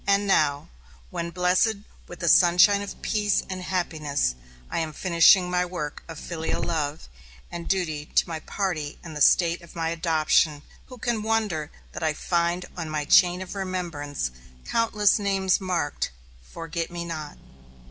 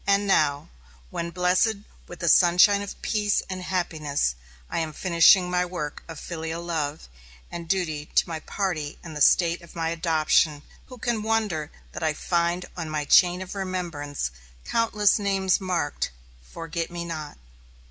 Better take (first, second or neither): second